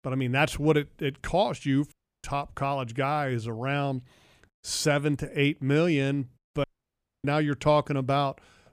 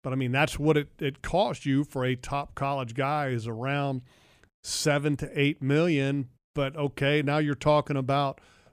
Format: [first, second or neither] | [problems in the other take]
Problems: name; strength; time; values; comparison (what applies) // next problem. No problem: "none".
second | audio cutting out; at 2 s and at 6.5 s for 0.5 s